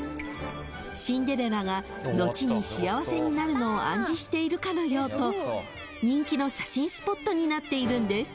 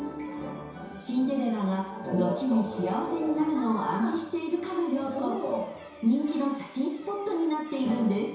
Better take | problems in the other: first | room echo; dies away in 0.7 s

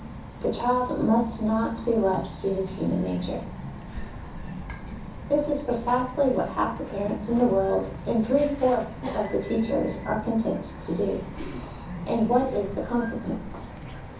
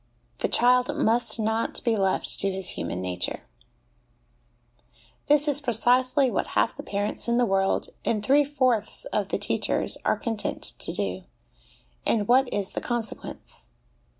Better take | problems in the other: second | background sound (Bird vocalization, bird call, bird song); 10 dB below the speech // room echo; dies away in 0.6 s

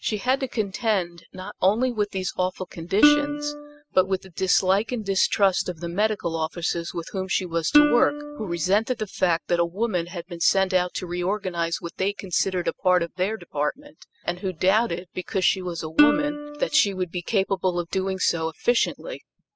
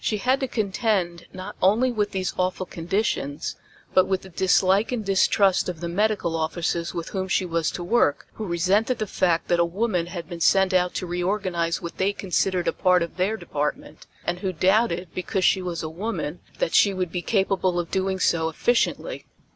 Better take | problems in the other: second | noise reduction (classical method spectral subtraction)

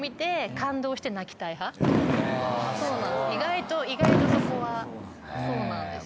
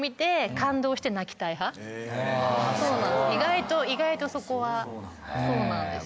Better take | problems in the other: second | background sound (Fireworks); as loud as the speech

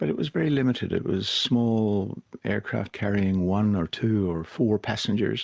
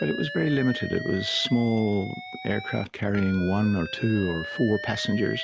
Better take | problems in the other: first | background sound (Alarm); 11 dB below the speech

